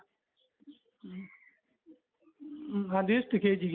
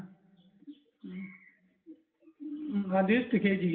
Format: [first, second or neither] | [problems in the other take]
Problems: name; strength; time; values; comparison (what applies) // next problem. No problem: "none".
first | room echo; dies away in 1.3 s